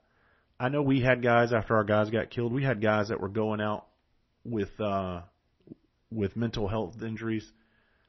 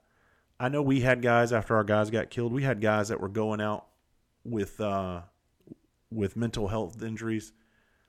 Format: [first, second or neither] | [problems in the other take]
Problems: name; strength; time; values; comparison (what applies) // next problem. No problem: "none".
second | garbled, watery; slightly; nothing above 6 kHz